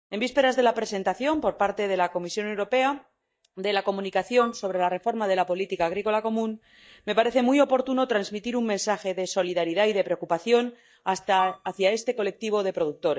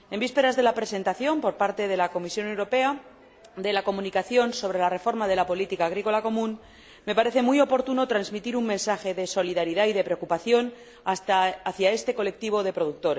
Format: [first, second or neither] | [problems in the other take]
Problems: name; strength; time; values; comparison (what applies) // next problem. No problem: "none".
second | noise reduction (neural mask model DeepFilterNet 3)